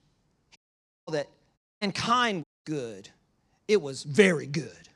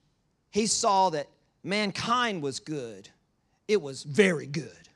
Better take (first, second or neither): second